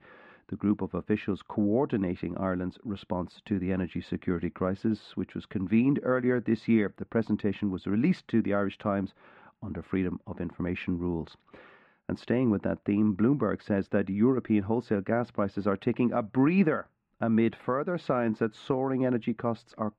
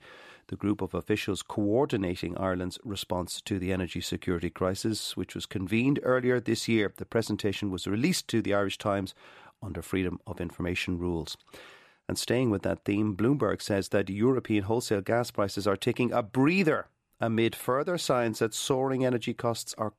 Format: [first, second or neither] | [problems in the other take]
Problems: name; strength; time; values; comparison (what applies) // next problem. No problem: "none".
second | muffled; very; fading above 2 kHz